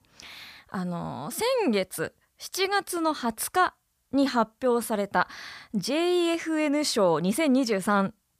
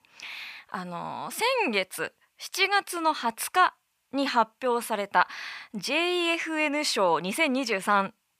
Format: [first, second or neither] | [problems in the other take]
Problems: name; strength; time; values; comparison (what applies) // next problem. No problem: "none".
first | thin; very slightly; fading below 300 Hz